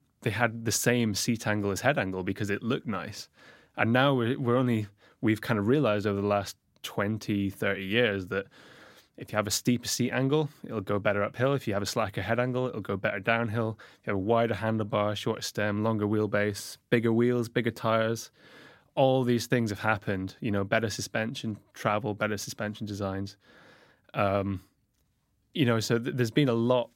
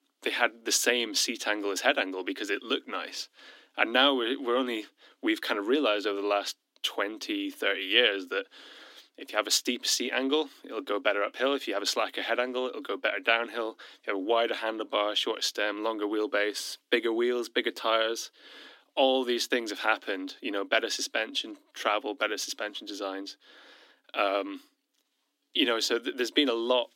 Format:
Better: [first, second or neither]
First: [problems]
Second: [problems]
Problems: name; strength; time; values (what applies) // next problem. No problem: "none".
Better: first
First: none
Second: thin; somewhat; fading below 250 Hz